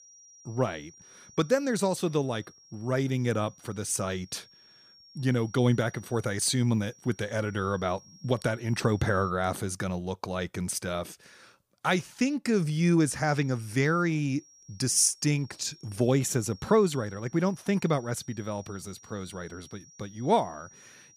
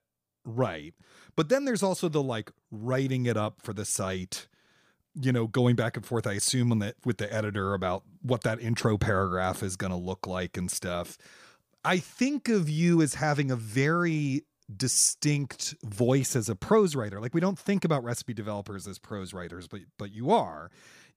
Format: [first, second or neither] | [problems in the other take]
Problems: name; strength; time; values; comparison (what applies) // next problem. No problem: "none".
second | high-pitched whine; faint; until 9.5 s and from 13 s on; 5.5 kHz, 25 dB below the speech